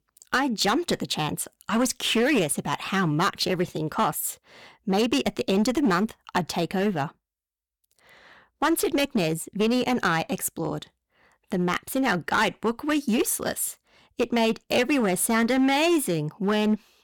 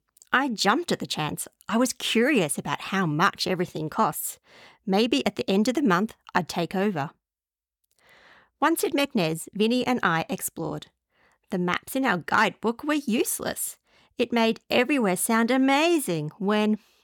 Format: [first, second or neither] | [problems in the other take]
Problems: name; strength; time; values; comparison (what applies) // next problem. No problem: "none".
second | distortion; slight; 6% of the sound clipped